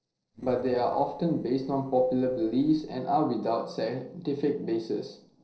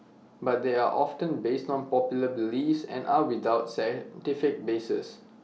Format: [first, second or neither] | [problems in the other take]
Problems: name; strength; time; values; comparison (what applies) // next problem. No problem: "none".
second | noise reduction (neural separator model SepFormer DNS4)